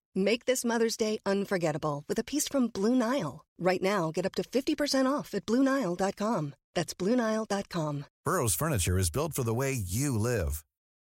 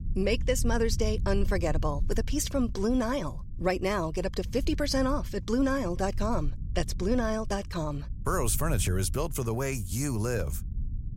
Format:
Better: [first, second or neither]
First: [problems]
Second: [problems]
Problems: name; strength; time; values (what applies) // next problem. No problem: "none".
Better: first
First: none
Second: low rumble; faint; throughout; 20 dB below the speech